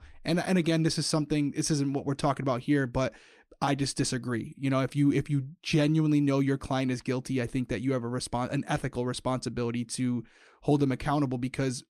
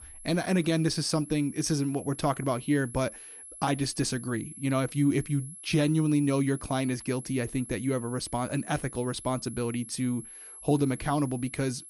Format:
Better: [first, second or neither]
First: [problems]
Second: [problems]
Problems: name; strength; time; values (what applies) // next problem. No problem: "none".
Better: first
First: none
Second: high-pitched whine; noticeable; throughout; 11 kHz, 15 dB below the speech